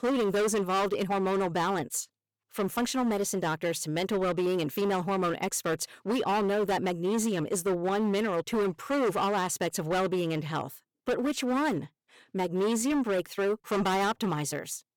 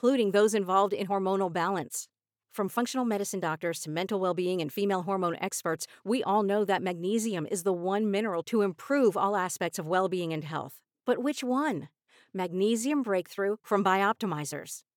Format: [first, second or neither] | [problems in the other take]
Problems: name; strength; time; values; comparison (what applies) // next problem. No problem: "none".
second | distortion; heavy; 18% of the sound clipped